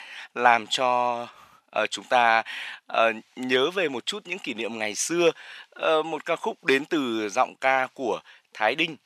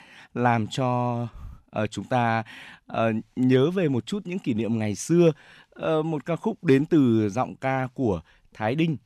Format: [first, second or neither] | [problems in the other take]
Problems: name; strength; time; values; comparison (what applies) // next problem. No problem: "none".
second | thin; very; fading below 600 Hz